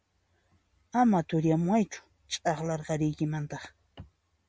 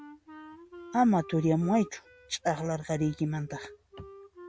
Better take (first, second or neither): first